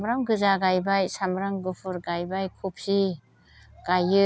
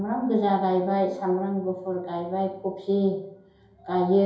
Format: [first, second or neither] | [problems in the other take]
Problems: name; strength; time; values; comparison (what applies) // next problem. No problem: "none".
first | room echo; dies away in 2.8 s